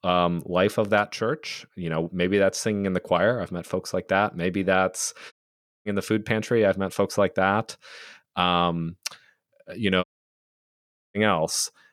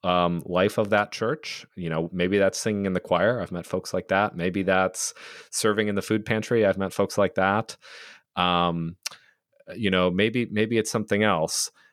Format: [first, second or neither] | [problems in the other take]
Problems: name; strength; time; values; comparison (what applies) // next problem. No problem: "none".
second | audio cutting out; at 5.5 s for 0.5 s and at 10 s for 1 s